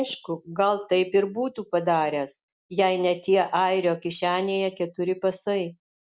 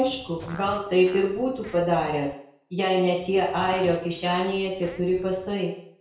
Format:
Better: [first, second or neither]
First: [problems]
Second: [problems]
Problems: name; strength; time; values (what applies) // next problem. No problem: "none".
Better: first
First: none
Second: background sound (Fart); 19 dB below the speech // room echo; dies away in 0.5 s